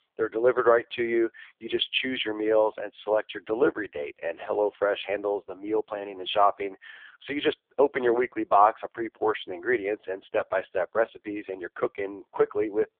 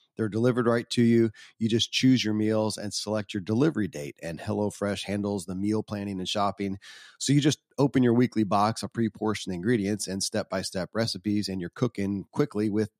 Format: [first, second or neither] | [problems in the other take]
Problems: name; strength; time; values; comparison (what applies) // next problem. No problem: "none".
second | phone-call audio; poor line; nothing above 3.5 kHz